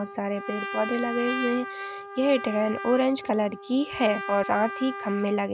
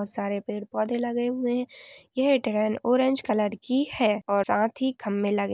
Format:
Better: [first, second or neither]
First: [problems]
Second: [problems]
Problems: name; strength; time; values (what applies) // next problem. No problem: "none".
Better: second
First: background sound (Trumpet); 9 dB below the speech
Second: none